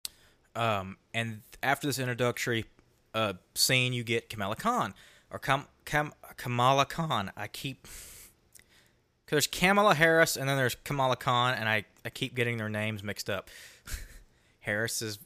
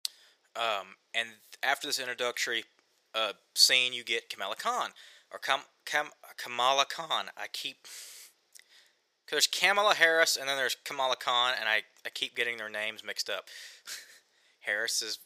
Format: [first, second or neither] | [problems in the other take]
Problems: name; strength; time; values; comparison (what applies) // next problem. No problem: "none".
first | thin; very; fading below 550 Hz